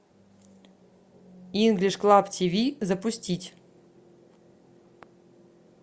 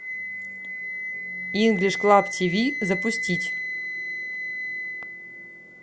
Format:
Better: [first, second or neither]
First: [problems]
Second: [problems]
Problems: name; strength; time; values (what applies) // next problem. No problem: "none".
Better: first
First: none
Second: background sound (Wind instrument, woodwind instrument); 4 dB below the speech